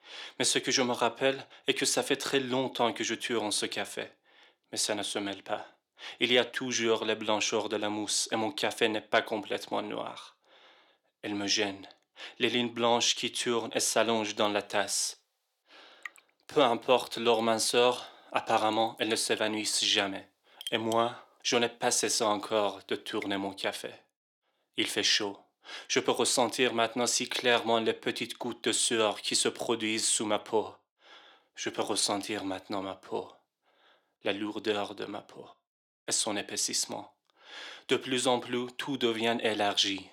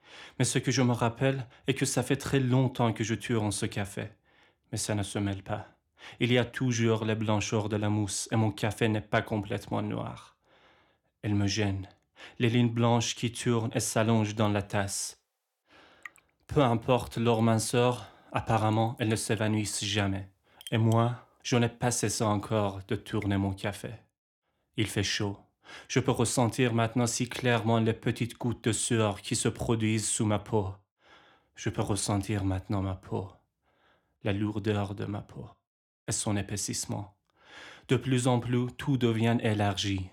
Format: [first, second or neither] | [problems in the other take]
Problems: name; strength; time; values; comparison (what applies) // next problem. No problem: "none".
second | thin; somewhat; fading below 400 Hz